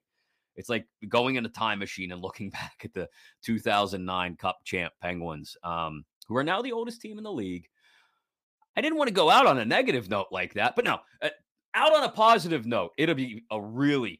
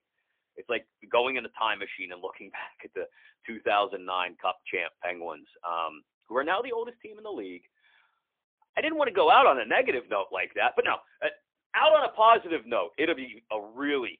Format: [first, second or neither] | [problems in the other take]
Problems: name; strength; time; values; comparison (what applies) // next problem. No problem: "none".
first | phone-call audio; poor line; nothing above 3.5 kHz